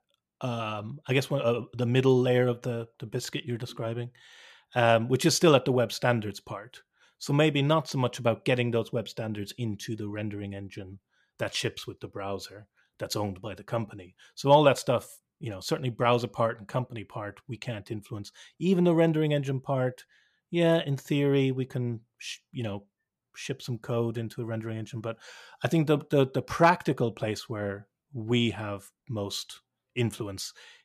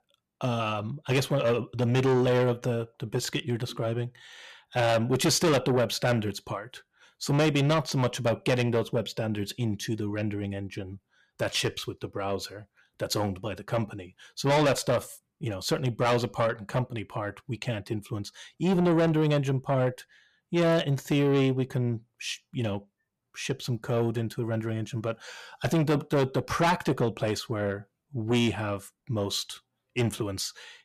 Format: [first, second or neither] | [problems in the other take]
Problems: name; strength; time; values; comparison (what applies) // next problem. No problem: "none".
first | distortion; heavy; 7 dB below the speech